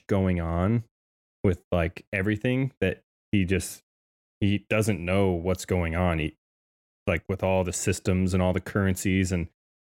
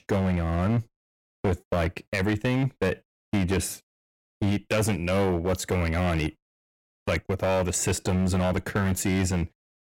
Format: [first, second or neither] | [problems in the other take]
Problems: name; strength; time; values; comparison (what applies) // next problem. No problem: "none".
first | distortion; heavy; 10% of the sound clipped